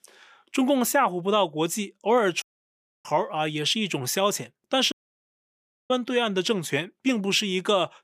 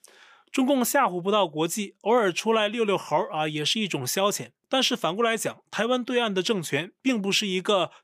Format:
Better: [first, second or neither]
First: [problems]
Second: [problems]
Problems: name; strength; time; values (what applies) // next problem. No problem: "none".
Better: second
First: audio cutting out; at 2.5 s for 0.5 s and at 5 s for 1 s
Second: none